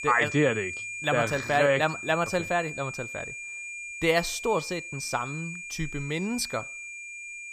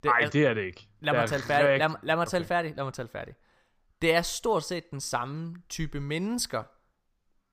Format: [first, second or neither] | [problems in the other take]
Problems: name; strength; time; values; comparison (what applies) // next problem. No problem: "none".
second | high-pitched whine; loud; throughout; 2.5 kHz, 8 dB below the speech